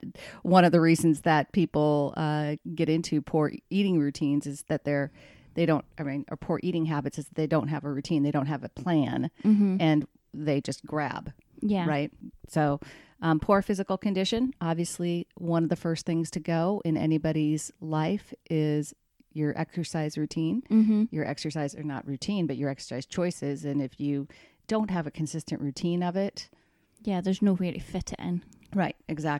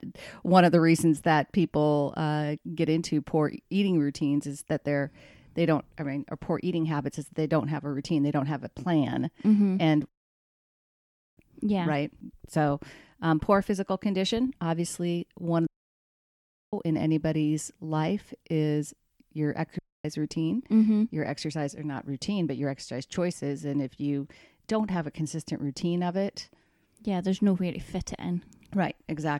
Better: first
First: none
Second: audio cutting out; at 10 s for 1.5 s, at 16 s for 1 s and at 20 s

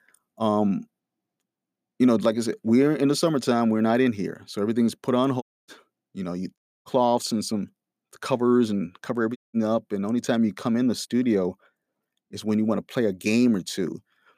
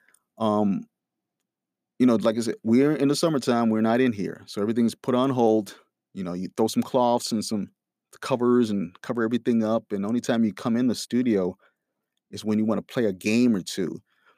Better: second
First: audio cutting out; at 5.5 s, at 6.5 s and at 9.5 s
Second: none

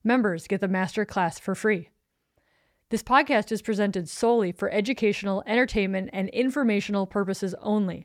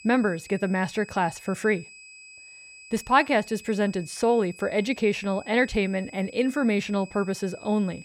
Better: first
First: none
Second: high-pitched whine; noticeable; throughout; 2.5 kHz, 20 dB below the speech

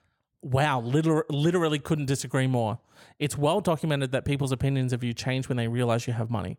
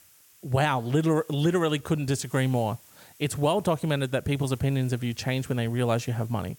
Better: first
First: none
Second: hiss; faint; throughout; 25 dB below the speech

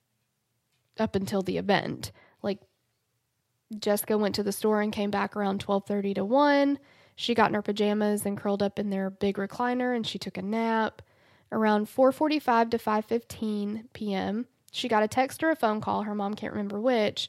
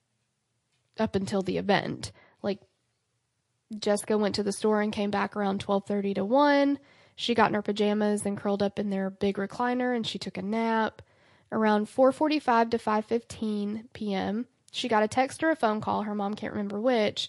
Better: first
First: none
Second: garbled, watery; slightly; nothing above 11.5 kHz

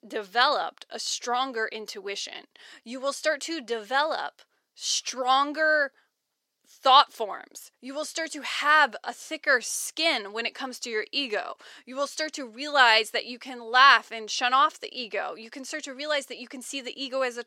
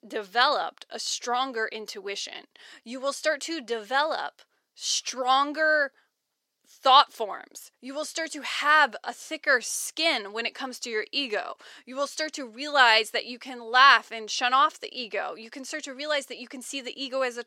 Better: neither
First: thin; somewhat; fading below 450 Hz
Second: thin; somewhat; fading below 450 Hz

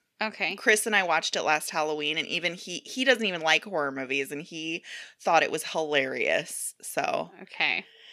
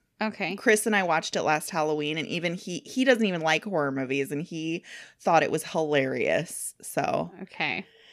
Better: second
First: thin; very slightly; fading below 500 Hz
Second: none

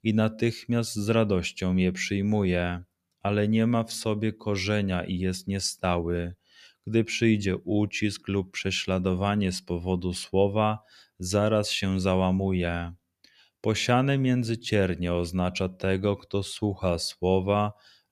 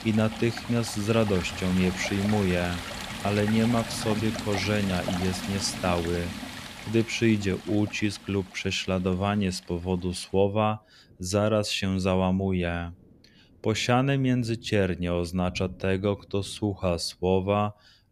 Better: first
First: none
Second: rain or running water; loud; throughout; 9 dB below the speech

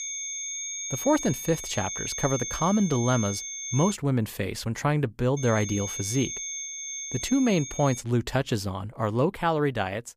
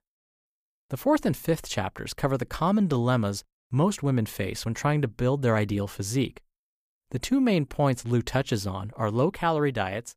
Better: second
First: high-pitched whine; loud; until 4 s and from 5.5 to 8 s; 6.5 kHz, 6 dB below the speech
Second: none

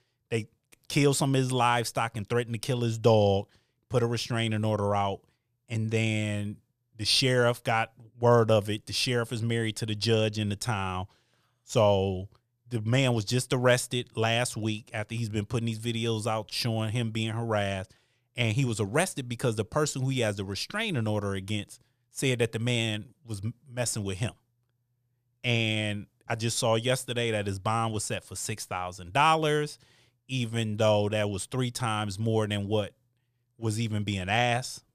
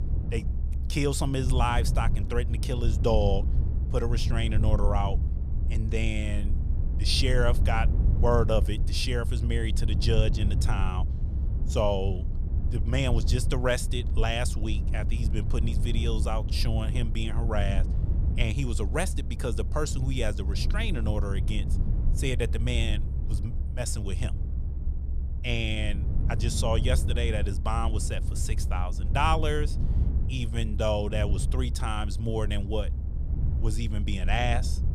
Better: first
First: none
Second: low rumble; noticeable; throughout; 15 dB below the speech

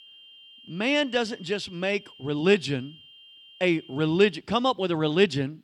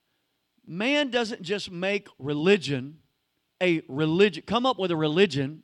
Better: second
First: high-pitched whine; faint; until 4.5 s; 3 kHz, 25 dB below the speech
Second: none

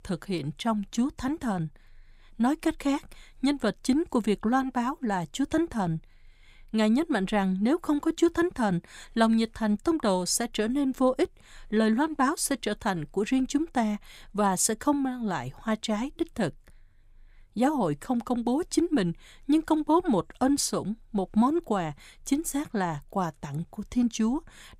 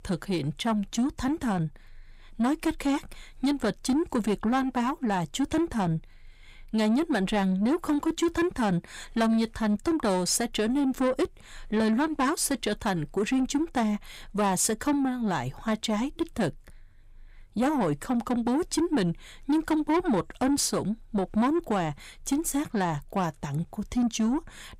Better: first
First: none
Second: distortion; slight; 10 dB below the speech

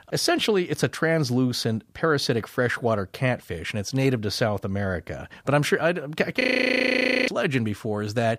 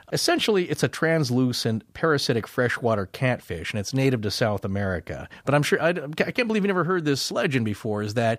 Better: second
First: audio freezing; at 6.5 s for 1 s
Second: none

